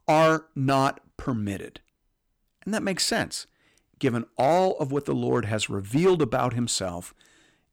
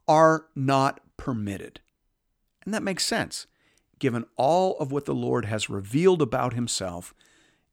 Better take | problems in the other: second | distortion; slight; 3% of the sound clipped

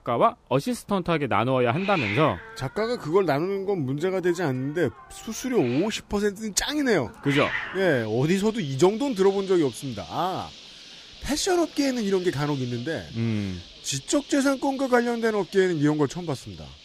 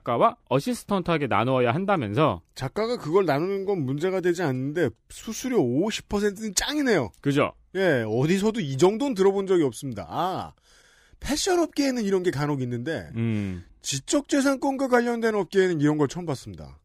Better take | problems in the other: second | animal sounds; noticeable; throughout; 15 dB below the speech

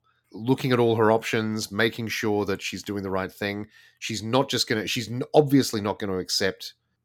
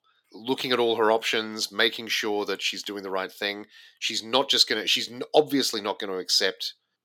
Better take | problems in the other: first | thin; very slightly; fading below 350 Hz

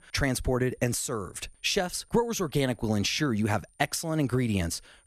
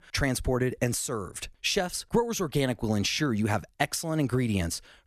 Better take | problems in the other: second | high-pitched whine; faint; throughout; 9 kHz, 35 dB below the speech

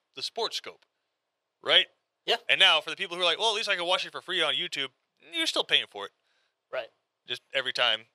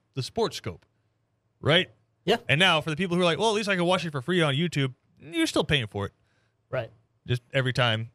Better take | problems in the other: second | thin; very; fading below 600 Hz

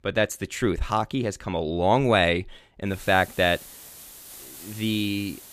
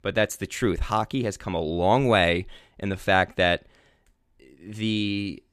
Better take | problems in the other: second | hiss; noticeable; from 3 s on; 15 dB below the speech

